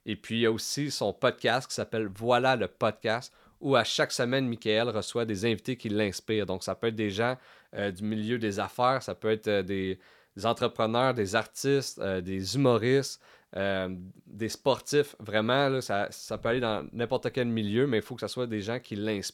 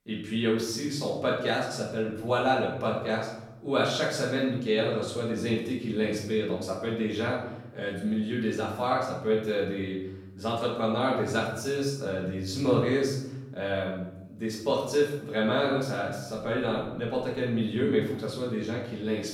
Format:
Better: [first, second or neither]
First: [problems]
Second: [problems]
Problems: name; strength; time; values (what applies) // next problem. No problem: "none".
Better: first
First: none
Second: off-mic speech; far // room echo; noticeable; dies away in 0.9 s